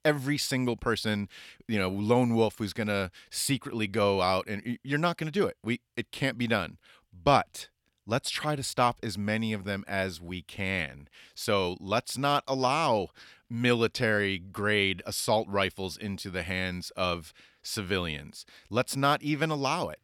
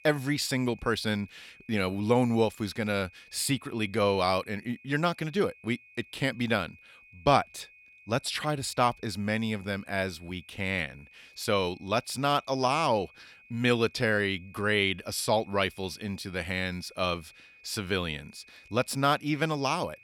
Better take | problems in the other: first | high-pitched whine; faint; throughout; 2.5 kHz, 25 dB below the speech

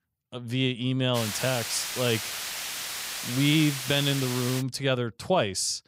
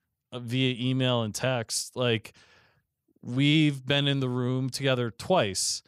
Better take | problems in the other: second | hiss; loud; from 1 to 4.5 s; 5 dB below the speech

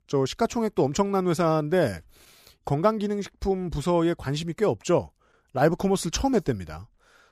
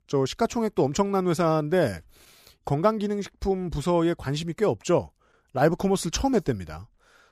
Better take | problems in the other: neither | none

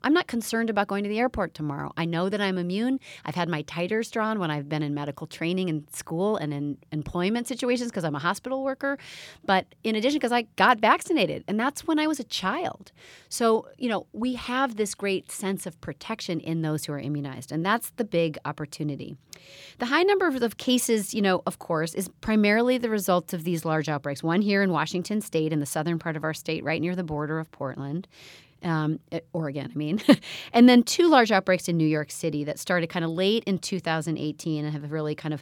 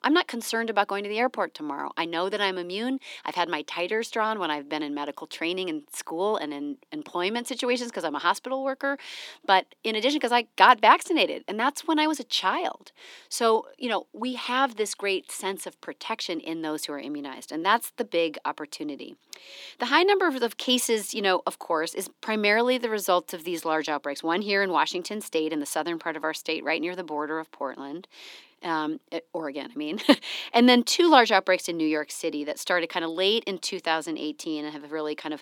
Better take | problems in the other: first | thin; very slightly; fading below 250 Hz

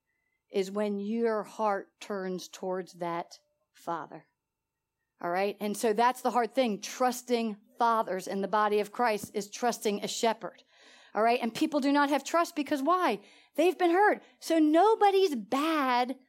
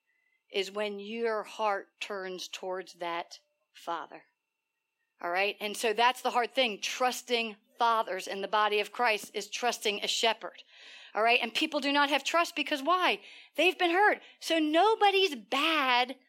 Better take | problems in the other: first | thin; very slightly; fading below 300 Hz

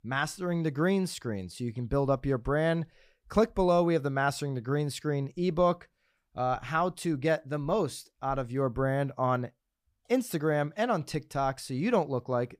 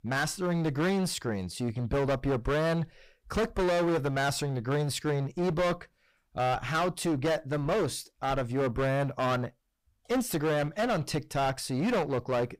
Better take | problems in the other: first | distortion; heavy; 20% of the sound clipped

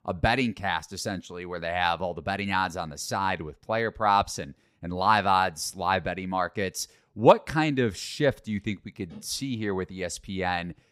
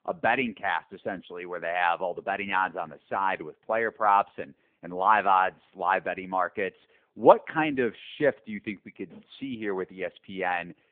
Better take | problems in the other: first | phone-call audio

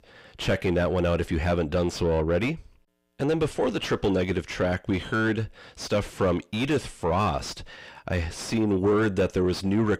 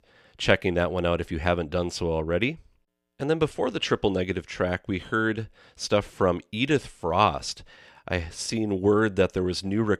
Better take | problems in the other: second | distortion; heavy; 6 dB below the speech

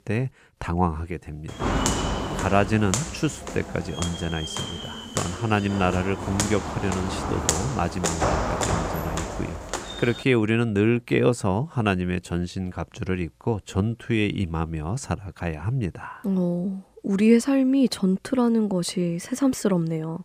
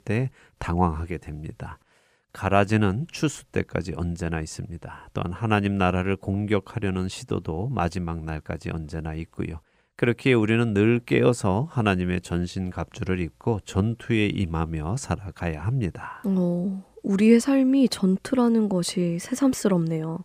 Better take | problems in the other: second | footsteps; loud; from 1.5 to 10 s; peak 2 dB above the speech

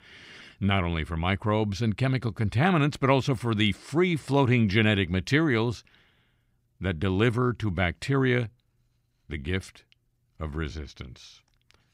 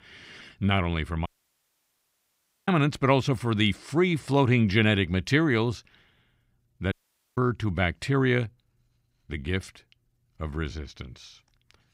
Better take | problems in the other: first | audio cutting out; at 1.5 s for 1.5 s and at 7 s

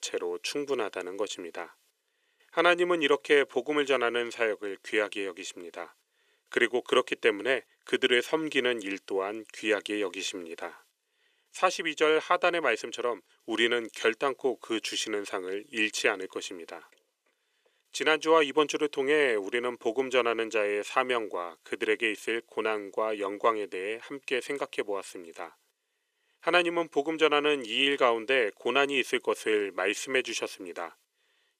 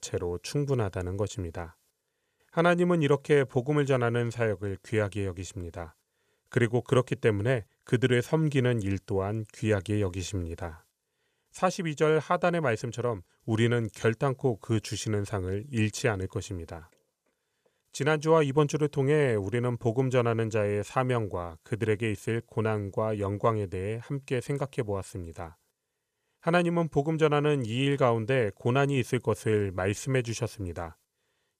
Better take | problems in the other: second | thin; somewhat; fading below 300 Hz

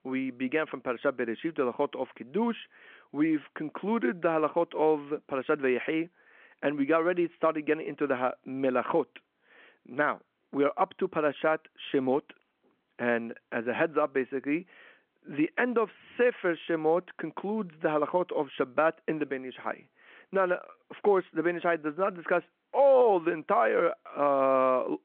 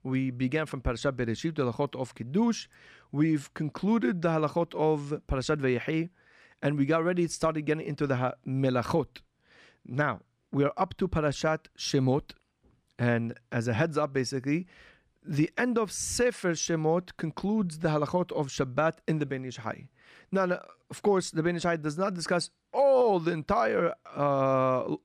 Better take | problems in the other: second | phone-call audio

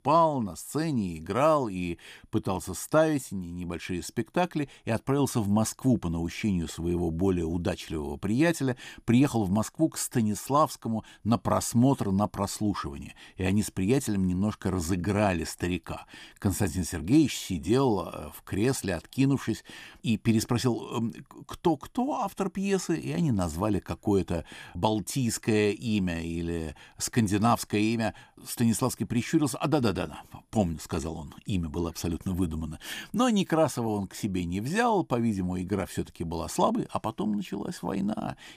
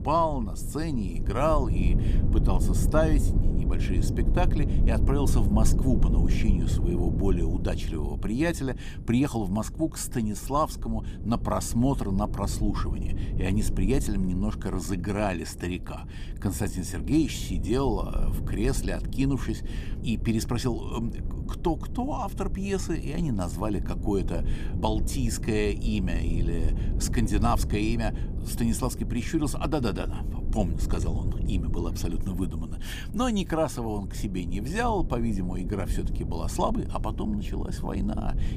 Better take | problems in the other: first | low rumble; noticeable; throughout; 10 dB below the speech

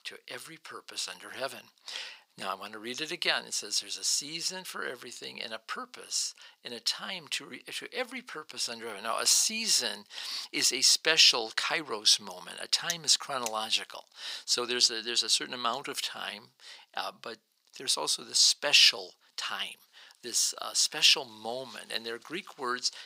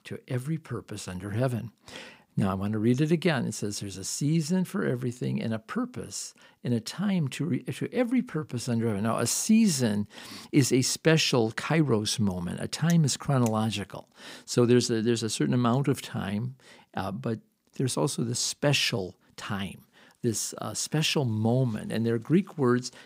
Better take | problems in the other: second | thin; very; fading below 800 Hz

